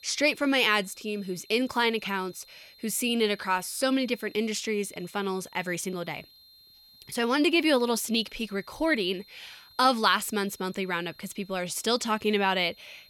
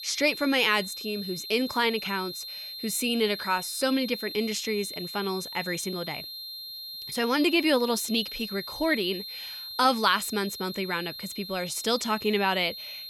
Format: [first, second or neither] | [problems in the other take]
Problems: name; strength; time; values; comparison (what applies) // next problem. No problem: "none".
first | high-pitched whine; loud; throughout; 4 kHz, 9 dB below the speech; faint in the first